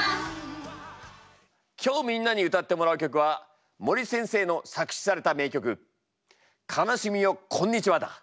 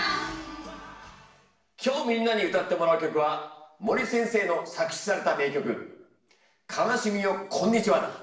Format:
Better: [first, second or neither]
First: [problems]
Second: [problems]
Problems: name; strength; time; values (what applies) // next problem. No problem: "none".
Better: first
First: none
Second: room echo; dies away in 0.8 s